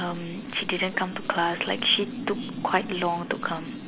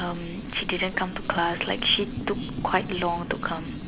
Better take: first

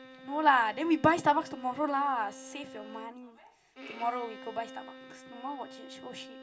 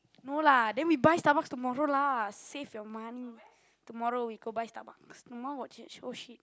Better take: second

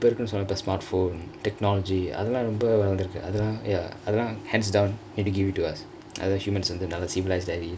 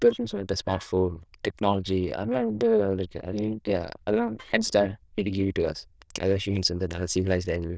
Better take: first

